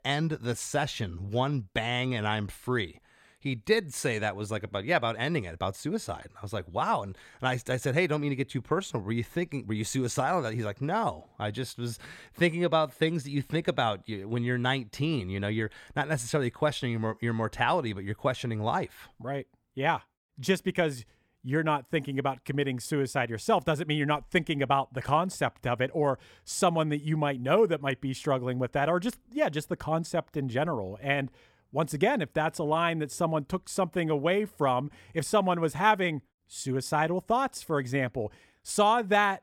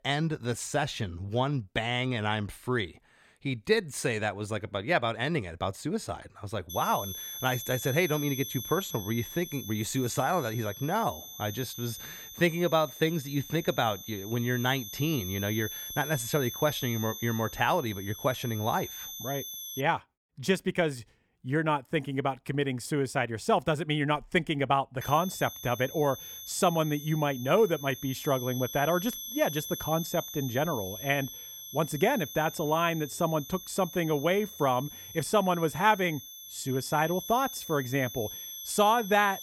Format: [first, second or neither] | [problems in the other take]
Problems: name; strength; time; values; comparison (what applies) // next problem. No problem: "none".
first | high-pitched whine; loud; from 6.5 to 20 s and from 25 s on; 3.5 kHz, 10 dB below the speech